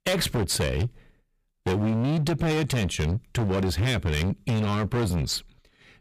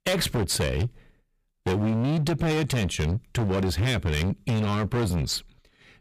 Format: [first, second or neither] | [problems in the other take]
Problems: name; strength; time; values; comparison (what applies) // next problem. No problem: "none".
neither | distortion; heavy; 24% of the sound clipped; the same in both